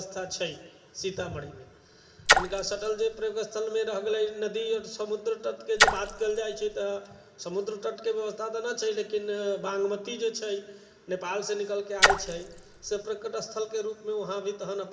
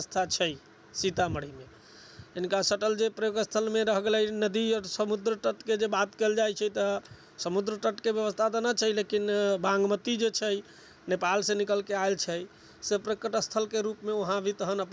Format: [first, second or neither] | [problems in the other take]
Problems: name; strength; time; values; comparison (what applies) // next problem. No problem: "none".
second | background sound (Splash, splatter); 5 dB above the speech // room echo; dies away in 3 s